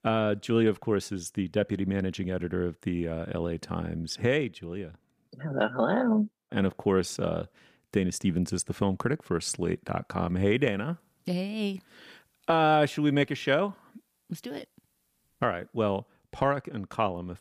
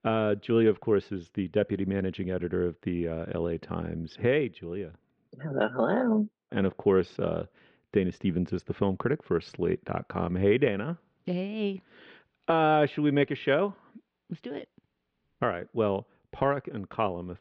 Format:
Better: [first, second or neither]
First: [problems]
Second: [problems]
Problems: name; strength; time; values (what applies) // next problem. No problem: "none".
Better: first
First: none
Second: muffled; very; fading above 3.5 kHz